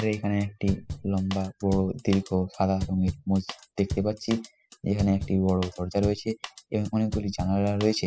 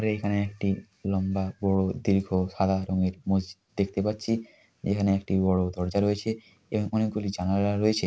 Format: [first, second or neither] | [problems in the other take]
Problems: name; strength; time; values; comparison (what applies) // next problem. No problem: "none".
second | noise reduction (classical method spectral subtraction)